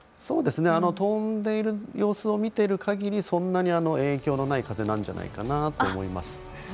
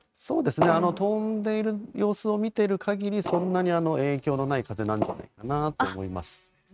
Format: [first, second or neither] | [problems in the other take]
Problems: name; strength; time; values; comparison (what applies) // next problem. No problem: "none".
first | noise reduction (neural mask model RNNoise)